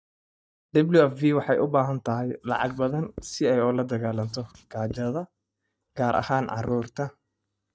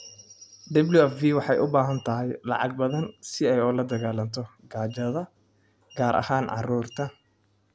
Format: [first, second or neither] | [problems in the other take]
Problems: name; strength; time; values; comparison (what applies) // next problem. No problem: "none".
second | noise reduction (neural mask model DeepFilterNet 3)